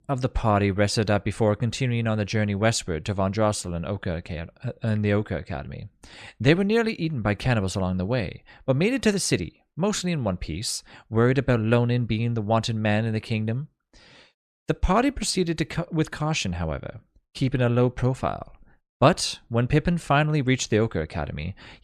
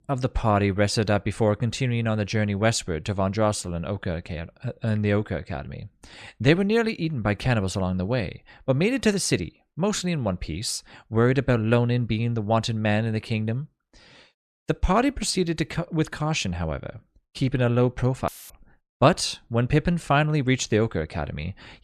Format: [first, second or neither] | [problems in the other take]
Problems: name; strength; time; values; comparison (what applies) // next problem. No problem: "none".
first | audio cutting out; filled with static; at 18 s